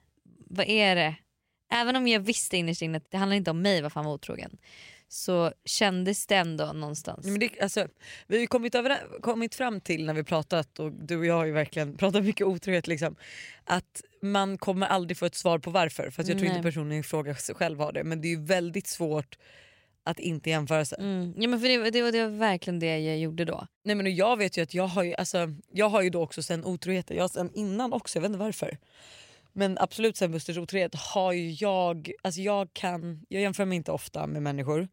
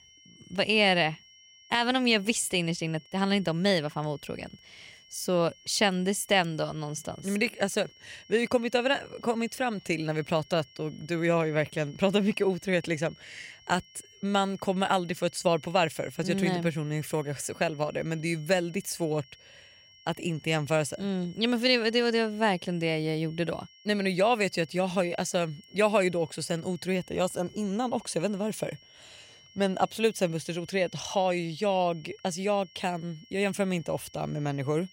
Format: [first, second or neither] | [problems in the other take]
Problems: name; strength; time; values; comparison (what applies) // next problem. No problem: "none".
first | high-pitched whine; faint; throughout; 3 kHz, 25 dB below the speech